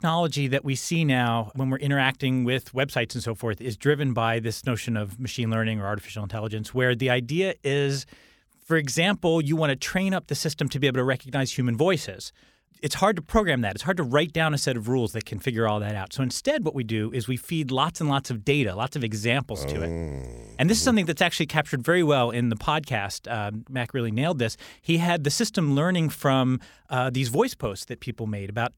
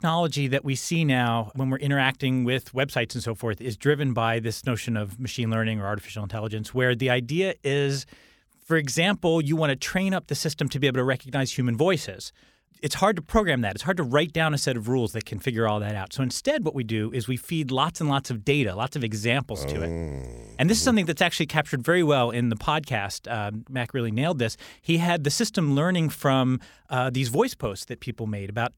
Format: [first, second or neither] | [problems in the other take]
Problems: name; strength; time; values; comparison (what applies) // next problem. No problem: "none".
neither | none